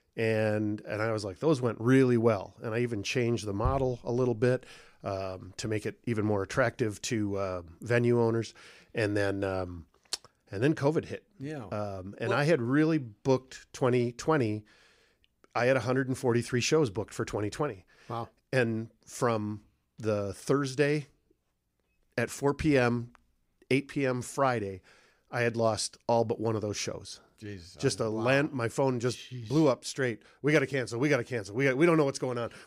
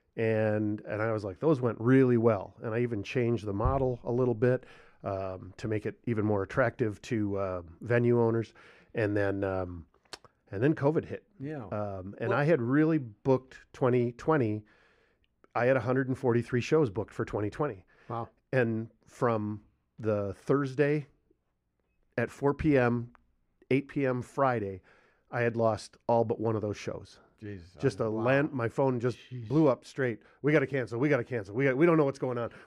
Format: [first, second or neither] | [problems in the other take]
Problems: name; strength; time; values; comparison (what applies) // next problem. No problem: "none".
first | muffled; slightly; fading above 3 kHz